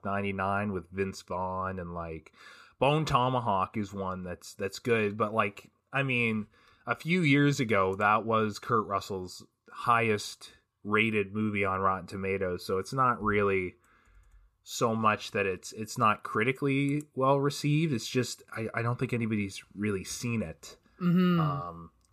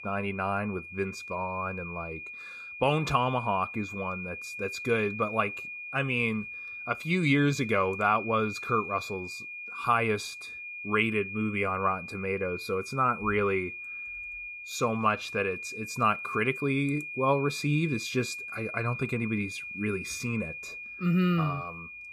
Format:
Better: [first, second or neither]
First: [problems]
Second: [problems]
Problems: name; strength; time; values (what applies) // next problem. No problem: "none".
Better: first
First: none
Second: high-pitched whine; loud; throughout; 2.5 kHz, 8 dB below the speech